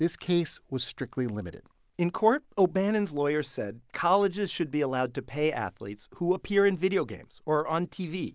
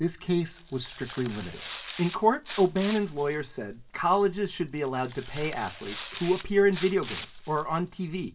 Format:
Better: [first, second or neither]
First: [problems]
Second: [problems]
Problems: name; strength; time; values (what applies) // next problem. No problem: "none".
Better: first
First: none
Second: background sound (Tearing); 16 dB below the speech // room echo; dies away in 0.2 s